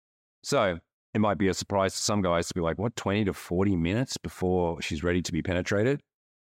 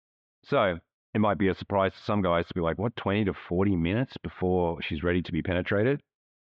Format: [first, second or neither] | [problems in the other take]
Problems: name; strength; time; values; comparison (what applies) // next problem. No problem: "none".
first | muffled; very; fading above 3.5 kHz